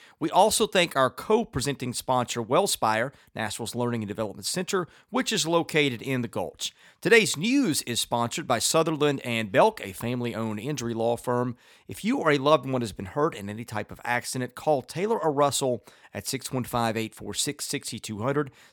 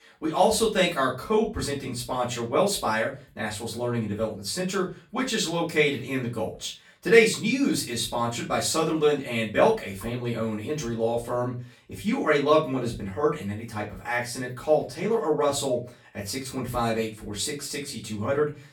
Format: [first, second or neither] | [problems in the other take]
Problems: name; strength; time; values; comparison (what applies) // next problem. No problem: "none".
first | room echo; slight; dies away in 0.3 s // off-mic speech; far